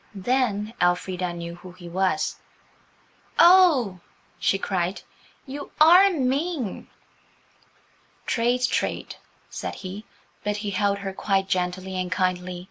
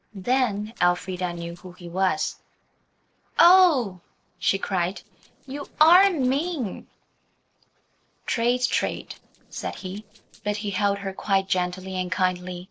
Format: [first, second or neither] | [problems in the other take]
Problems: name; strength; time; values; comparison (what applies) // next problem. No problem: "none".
first | noise reduction (neural separator model SepFormer DNS4)